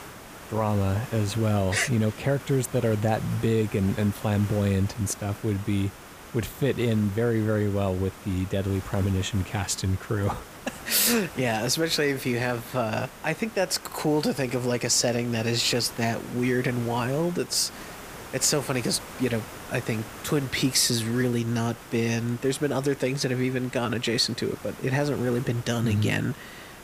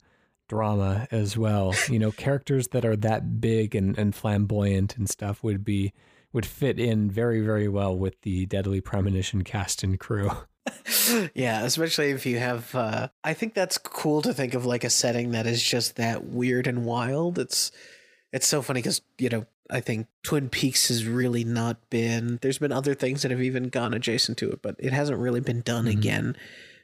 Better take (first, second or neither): second